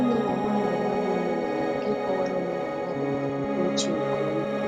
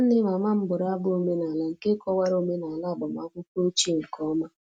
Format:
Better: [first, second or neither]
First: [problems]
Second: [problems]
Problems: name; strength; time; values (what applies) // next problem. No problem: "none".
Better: second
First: background sound (Piano); 5 dB above the speech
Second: none